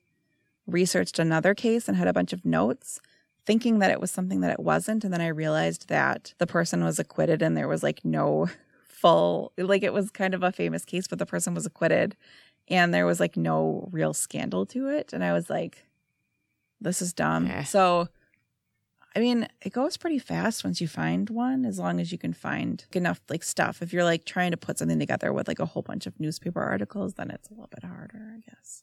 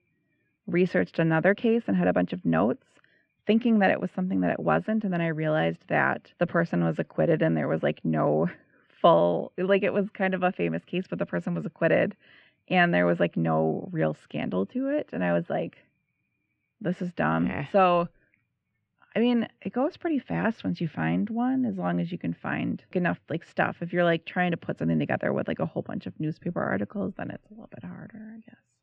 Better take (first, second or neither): first